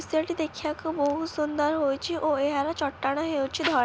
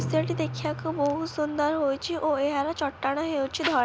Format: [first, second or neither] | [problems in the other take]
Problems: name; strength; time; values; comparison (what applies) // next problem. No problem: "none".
first | background sound (Drum); 11 dB below the speech